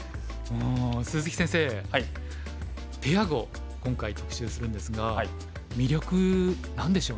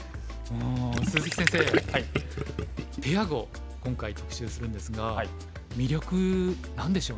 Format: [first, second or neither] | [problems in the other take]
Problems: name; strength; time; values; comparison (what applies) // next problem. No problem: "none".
first | background sound (Gurgling); as loud as the speech